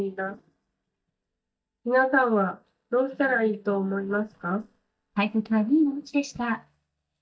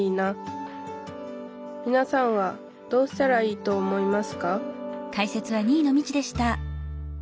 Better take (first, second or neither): second